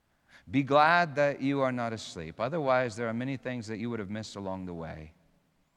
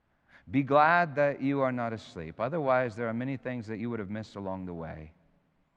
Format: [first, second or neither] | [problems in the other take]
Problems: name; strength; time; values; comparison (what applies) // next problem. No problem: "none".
first | muffled; slightly; fading above 3.5 kHz